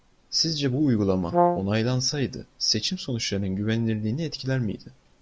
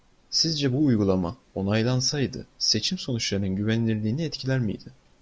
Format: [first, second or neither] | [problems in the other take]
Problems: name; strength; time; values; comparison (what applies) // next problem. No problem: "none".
second | background sound (Brass instrument); 2 dB above the speech